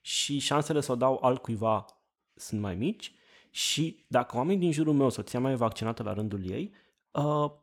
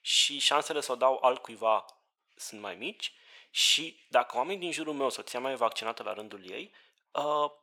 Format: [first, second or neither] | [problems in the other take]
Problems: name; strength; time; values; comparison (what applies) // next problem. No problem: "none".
first | thin; very; fading below 650 Hz